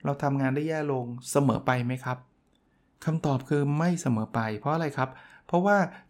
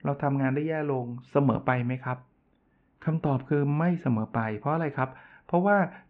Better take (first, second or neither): first